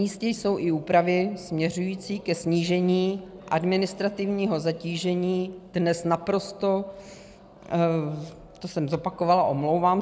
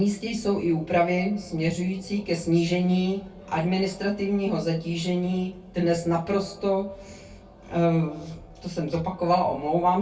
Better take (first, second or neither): first